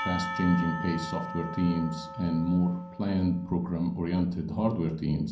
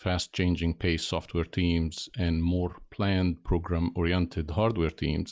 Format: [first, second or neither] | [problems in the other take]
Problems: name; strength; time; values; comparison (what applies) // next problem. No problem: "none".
second | background sound (Percussion); 11 dB below the speech // room echo; dies away in 0.6 s